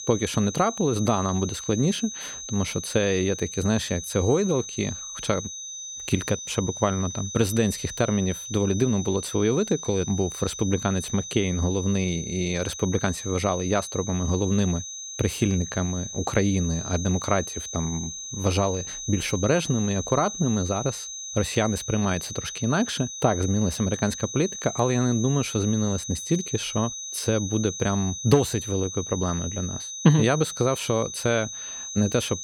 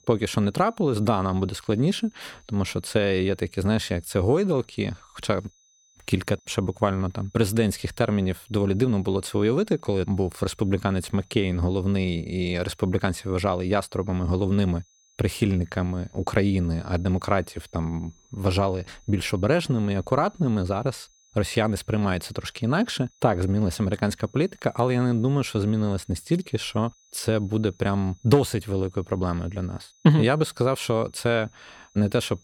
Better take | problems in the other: second | high-pitched whine; loud; throughout; 6 kHz, 8 dB below the speech; faint in the second

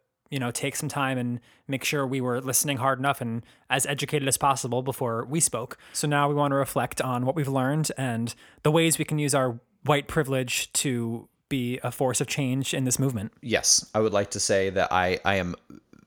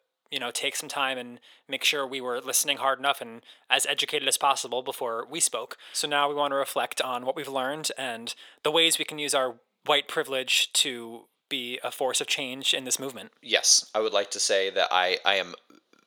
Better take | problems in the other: first | thin; somewhat; fading below 500 Hz

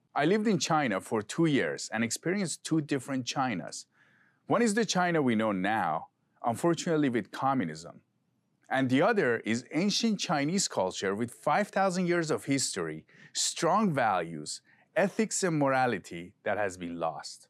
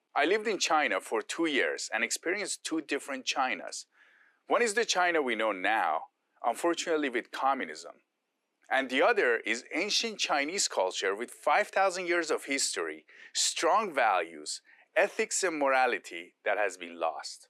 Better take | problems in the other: first | thin; somewhat; fading below 350 Hz

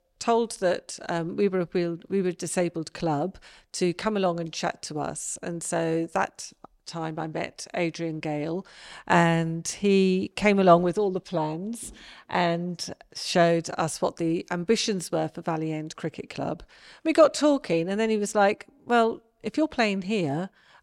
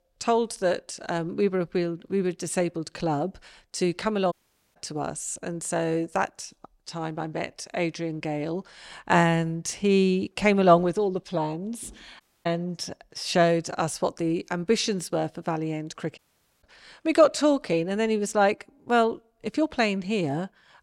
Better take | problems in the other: first | audio cutting out; at 4.5 s, at 12 s and at 16 s

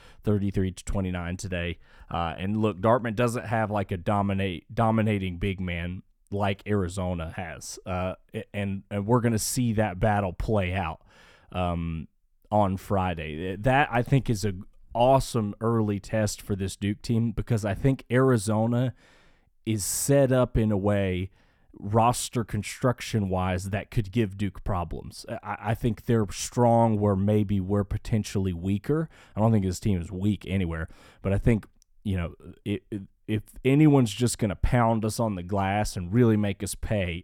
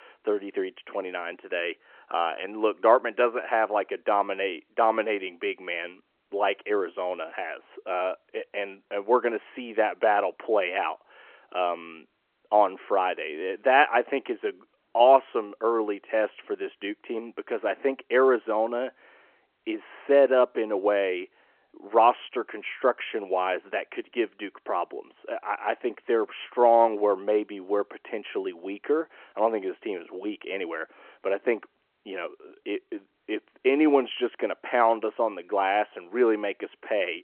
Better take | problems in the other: first | phone-call audio

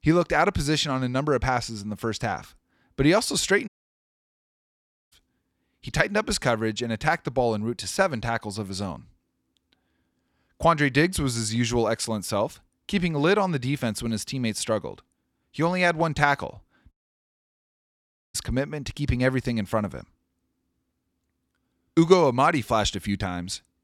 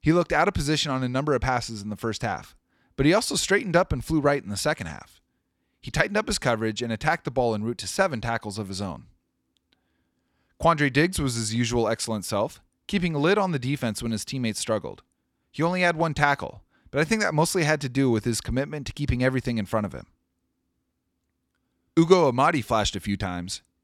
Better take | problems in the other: second | audio cutting out; at 3.5 s for 1.5 s and at 17 s for 1.5 s

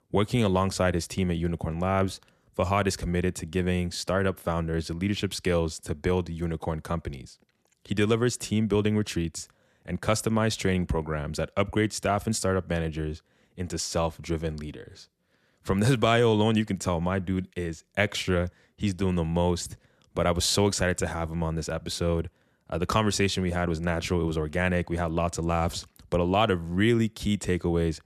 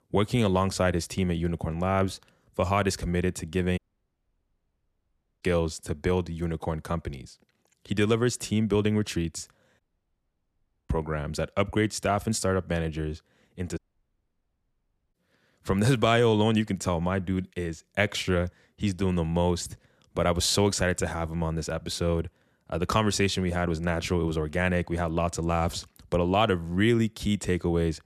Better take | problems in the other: first | audio cutting out; at 4 s for 1.5 s, at 10 s for 1 s and at 14 s for 1.5 s

